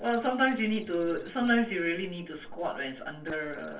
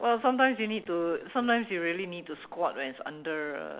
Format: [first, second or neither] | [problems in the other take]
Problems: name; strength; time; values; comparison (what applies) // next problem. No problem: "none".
second | noise reduction (neural separator model SepFormer DNS4)